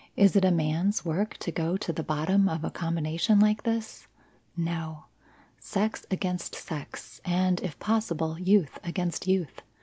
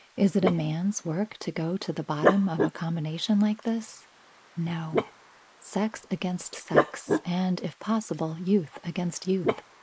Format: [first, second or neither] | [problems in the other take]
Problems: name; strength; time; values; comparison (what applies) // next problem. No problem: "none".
first | noise reduction (neural mask model Resemble Enhance denoiser)